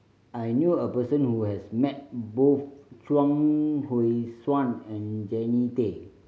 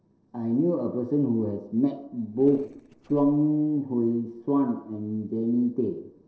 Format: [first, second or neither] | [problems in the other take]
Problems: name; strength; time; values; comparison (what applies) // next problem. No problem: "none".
first | noise reduction (neural separator model SepFormer DNS4)